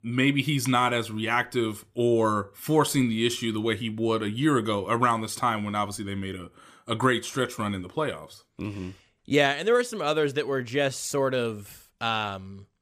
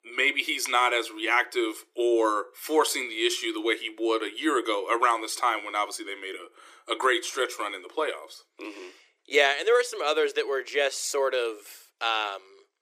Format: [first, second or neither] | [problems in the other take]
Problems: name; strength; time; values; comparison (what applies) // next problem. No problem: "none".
first | thin; very; fading below 350 Hz